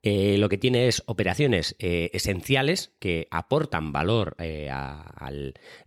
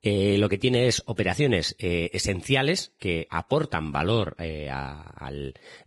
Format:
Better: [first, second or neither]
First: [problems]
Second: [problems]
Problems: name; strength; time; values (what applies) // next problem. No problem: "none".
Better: first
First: none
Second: garbled, watery; badly; nothing above 10.5 kHz